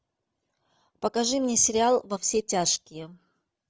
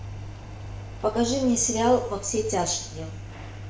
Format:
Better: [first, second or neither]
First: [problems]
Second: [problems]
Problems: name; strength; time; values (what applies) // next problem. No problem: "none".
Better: first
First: none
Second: background sound (Engine); 10 dB below the speech // room echo; dies away in 0.6 s